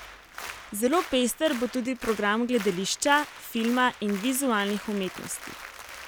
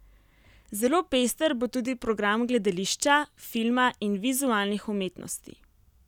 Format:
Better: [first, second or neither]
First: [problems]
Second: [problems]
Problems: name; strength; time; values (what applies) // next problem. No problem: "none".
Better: second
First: background sound (Applause); 14 dB below the speech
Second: none